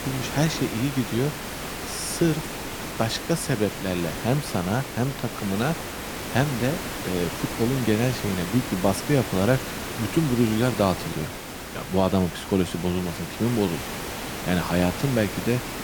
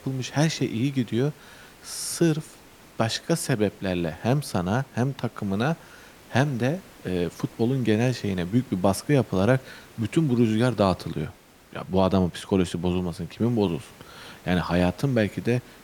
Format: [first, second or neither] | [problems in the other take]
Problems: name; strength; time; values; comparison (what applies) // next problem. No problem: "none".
second | hiss; loud; throughout; 6 dB below the speech; faint in the second